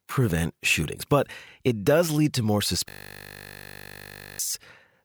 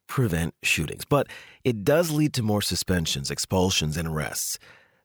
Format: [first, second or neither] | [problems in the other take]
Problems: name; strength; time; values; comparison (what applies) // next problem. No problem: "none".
second | audio freezing; at 3 s for 1.5 s